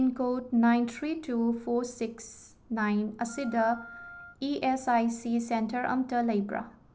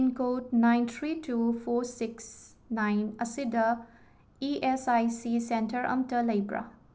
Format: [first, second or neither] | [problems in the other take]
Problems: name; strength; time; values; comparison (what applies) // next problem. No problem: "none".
second | background sound (Wind instrument, woodwind instrument); 20 dB below the speech